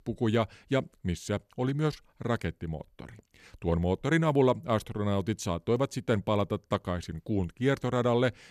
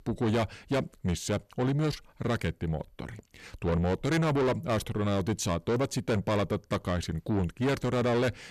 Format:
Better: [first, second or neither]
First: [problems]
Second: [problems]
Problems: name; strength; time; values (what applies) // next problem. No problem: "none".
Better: first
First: none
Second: distortion; heavy; 7 dB below the speech